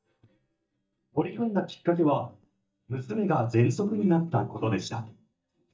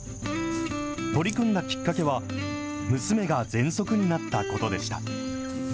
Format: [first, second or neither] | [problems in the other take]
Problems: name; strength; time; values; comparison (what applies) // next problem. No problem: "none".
second | noise reduction (neural mask model DeepFilterNet 3)